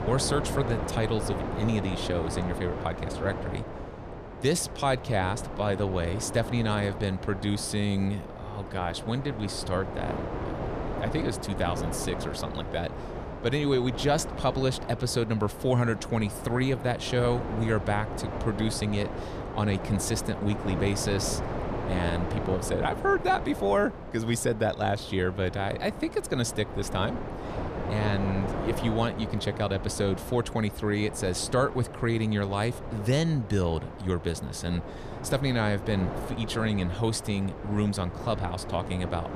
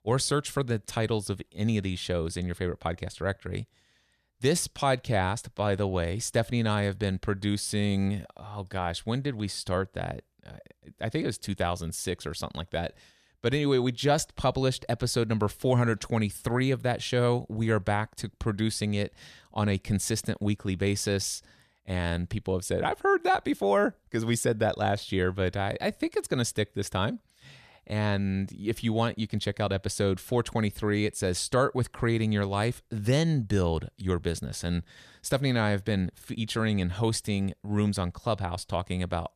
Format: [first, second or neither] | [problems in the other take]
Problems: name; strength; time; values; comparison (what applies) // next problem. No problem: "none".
second | wind noise on the microphone; heavy; 7 dB below the speech